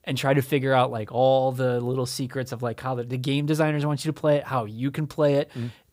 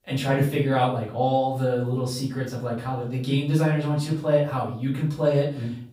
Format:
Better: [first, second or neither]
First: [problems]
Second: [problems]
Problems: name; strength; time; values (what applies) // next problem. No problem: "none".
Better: first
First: none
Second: room echo; slight; dies away in 0.4 s // off-mic speech; far